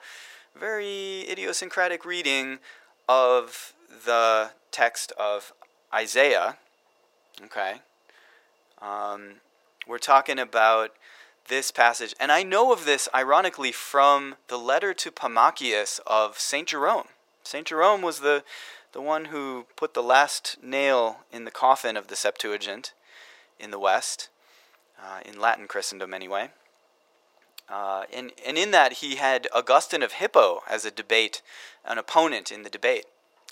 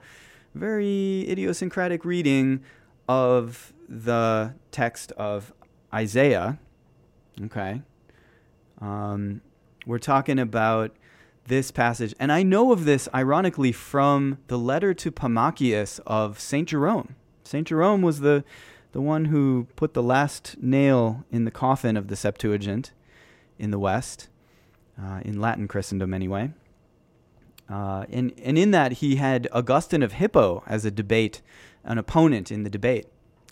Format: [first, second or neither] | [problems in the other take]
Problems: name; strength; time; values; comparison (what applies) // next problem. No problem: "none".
second | thin; very; fading below 600 Hz